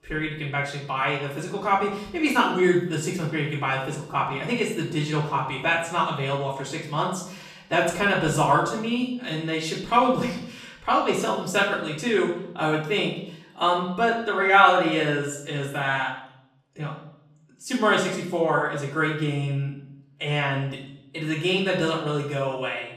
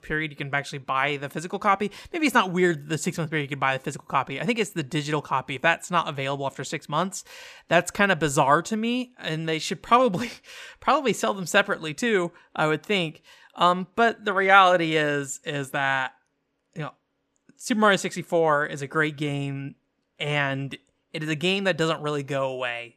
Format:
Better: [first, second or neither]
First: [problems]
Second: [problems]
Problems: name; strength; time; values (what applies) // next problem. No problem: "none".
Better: second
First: off-mic speech; far // room echo; noticeable; dies away in 0.7 s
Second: none